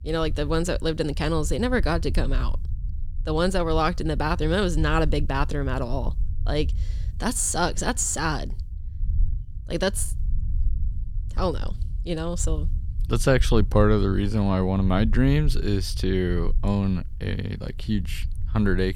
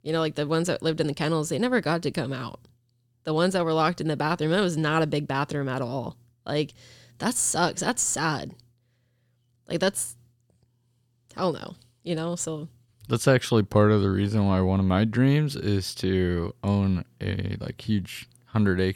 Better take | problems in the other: second | low rumble; faint; throughout; 25 dB below the speech

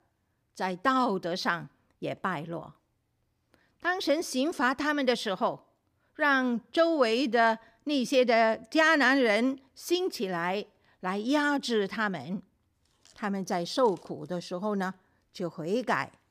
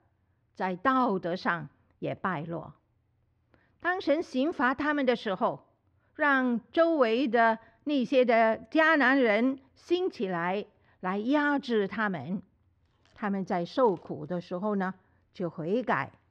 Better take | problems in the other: first | muffled; slightly; fading above 2.5 kHz

